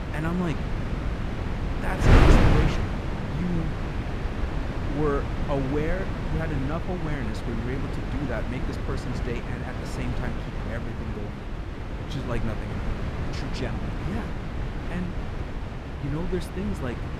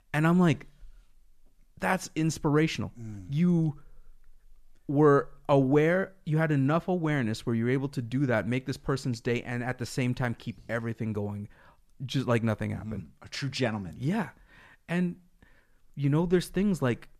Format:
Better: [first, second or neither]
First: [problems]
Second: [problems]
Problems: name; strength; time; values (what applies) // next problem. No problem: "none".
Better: second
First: wind noise on the microphone; heavy; 2 dB above the speech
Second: none